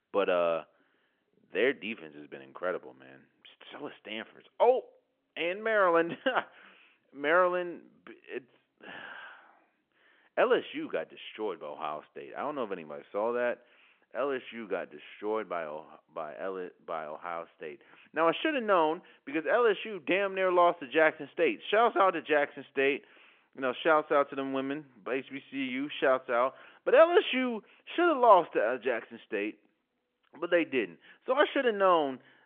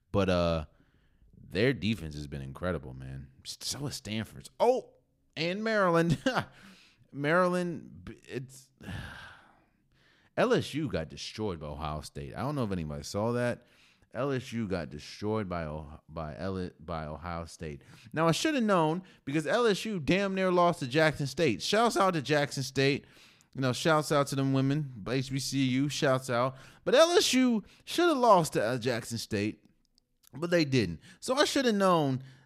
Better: second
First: phone-call audio; nothing above 3.5 kHz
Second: none

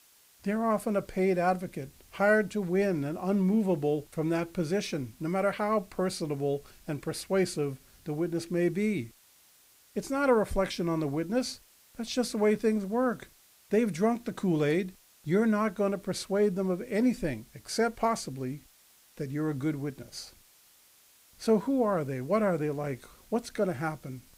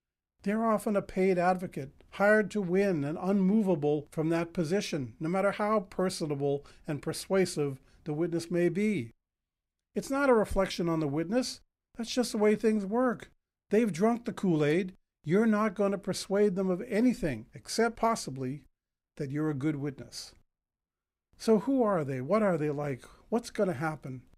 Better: second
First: hiss; faint; throughout; 30 dB below the speech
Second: none

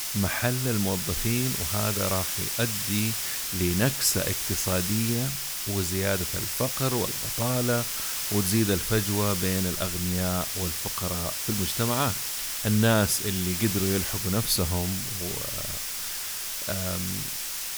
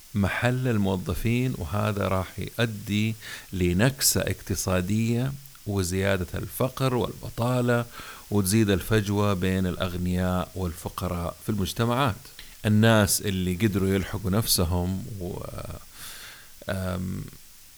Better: second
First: hiss; loud; throughout; as loud as the speech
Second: hiss; faint; throughout; 20 dB below the speech

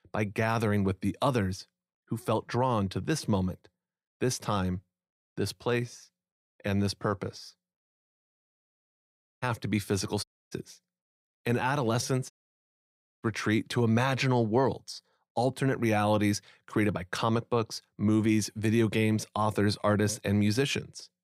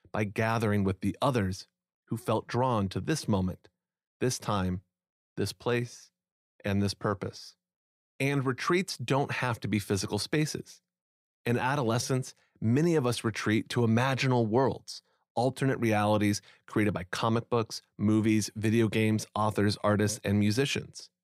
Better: second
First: audio cutting out; at 8 s for 1.5 s, at 10 s and at 12 s for 1 s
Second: none

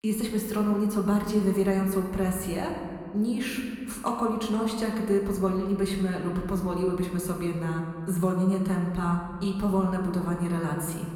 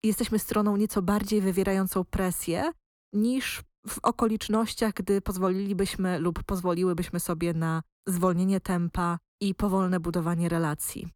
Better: second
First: room echo; noticeable; dies away in 1.8 s // off-mic speech; somewhat distant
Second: none

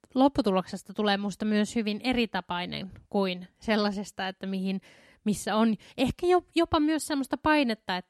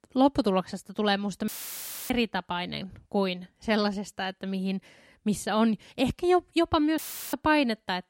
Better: first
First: none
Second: audio cutting out; filled with static; at 1.5 s for 0.5 s and at 7 s

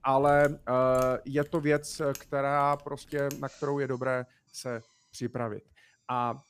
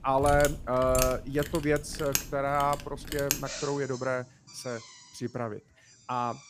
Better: first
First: machinery noise; faint; throughout; 20 dB below the speech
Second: machinery noise; loud; throughout; 5 dB below the speech

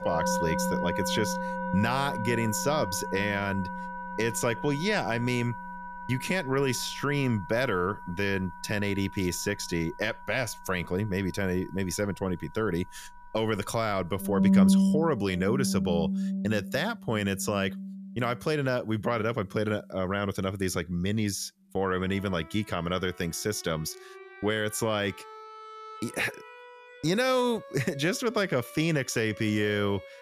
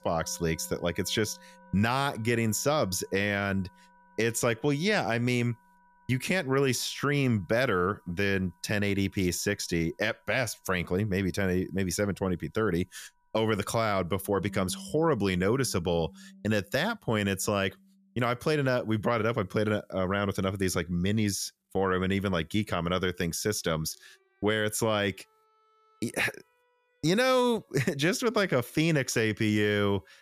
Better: second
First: background music; loud; throughout; 3 dB below the speech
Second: background music; faint; throughout; 25 dB below the speech

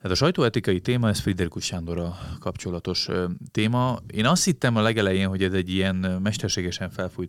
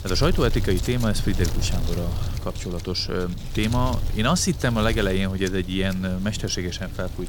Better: first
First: none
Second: wind noise on the microphone; occasional gusts; 10 dB below the speech

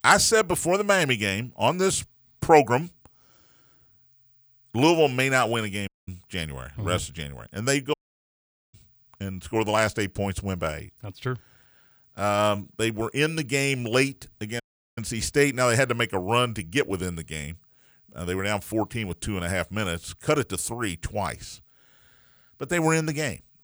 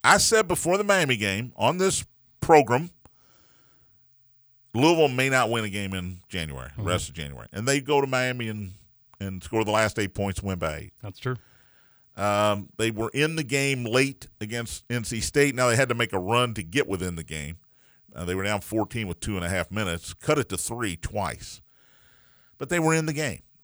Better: second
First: audio cutting out; at 6 s, at 8 s for 1 s and at 15 s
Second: none

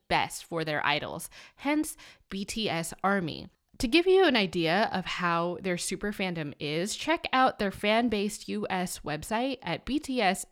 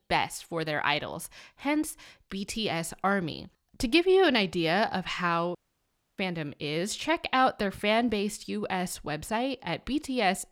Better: first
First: none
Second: audio cutting out; at 5.5 s for 0.5 s

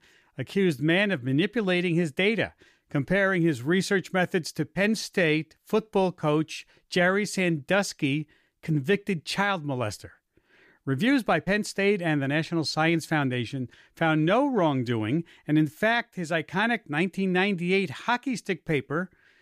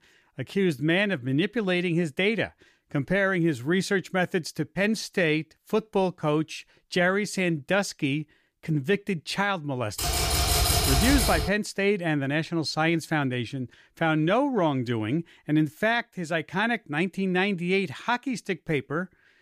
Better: first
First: none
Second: keyboard typing; loud; from 10 to 11 s; peak 5 dB above the speech

